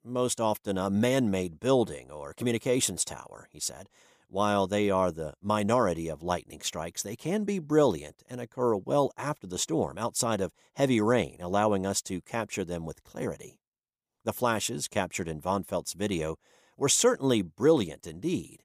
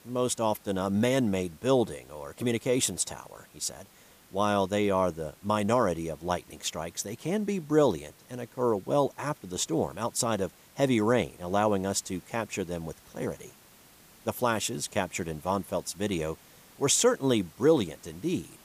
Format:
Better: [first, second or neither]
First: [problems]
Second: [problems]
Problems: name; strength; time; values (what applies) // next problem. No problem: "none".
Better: first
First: none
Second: hiss; faint; throughout; 25 dB below the speech